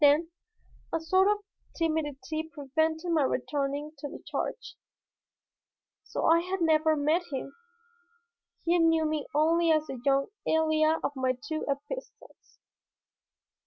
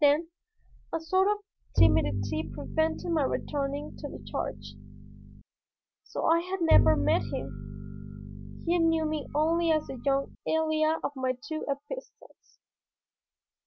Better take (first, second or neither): first